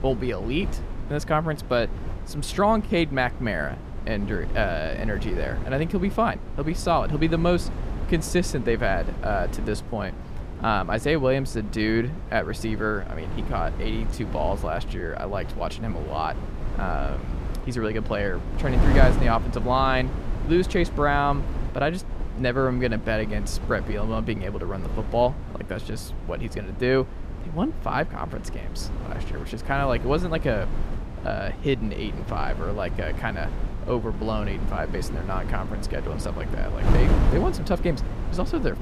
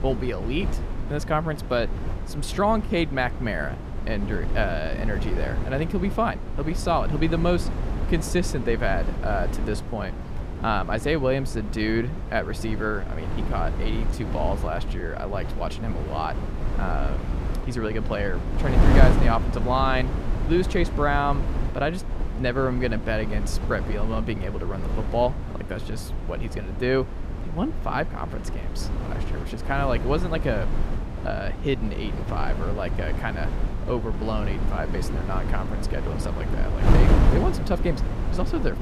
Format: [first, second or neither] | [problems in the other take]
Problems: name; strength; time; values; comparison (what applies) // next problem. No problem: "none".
first | wind noise on the microphone; heavy; 8 dB below the speech; occasional gusts in the first